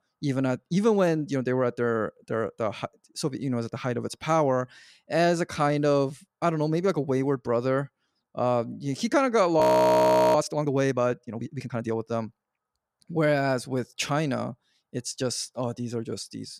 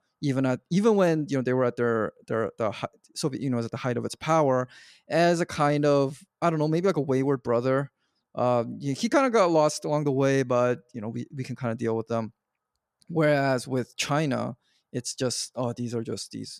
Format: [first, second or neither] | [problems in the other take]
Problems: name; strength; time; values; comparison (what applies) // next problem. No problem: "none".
second | audio freezing; at 9.5 s for 1 s